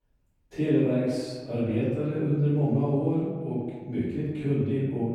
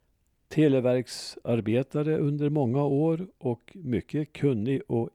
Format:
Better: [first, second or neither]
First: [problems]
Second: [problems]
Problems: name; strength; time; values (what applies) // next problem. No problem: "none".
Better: second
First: room echo; strong; dies away in 1.3 s // off-mic speech; far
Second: none